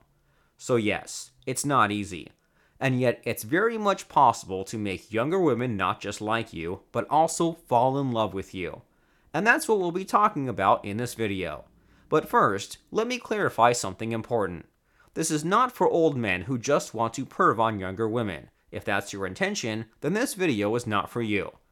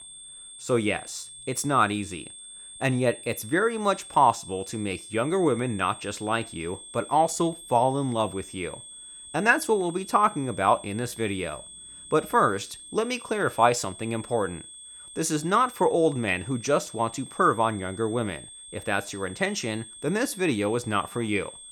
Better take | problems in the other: first | high-pitched whine; noticeable; throughout; 8.5 kHz, 15 dB below the speech

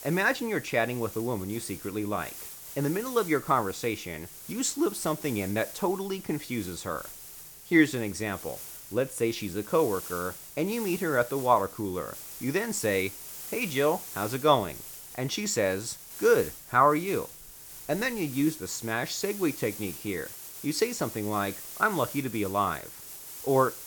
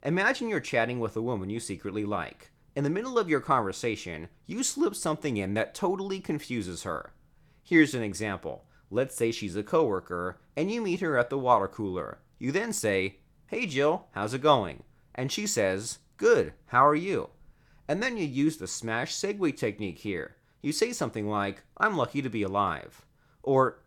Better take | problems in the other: second | hiss; noticeable; throughout; 10 dB below the speech

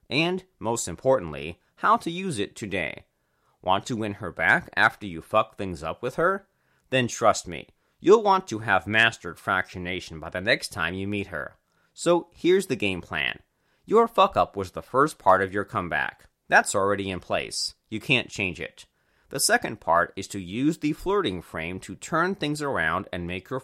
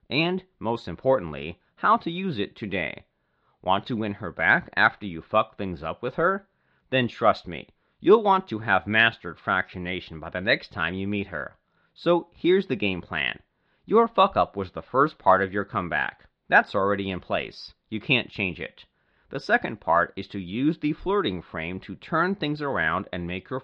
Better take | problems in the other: first | muffled; slightly; fading above 4 kHz

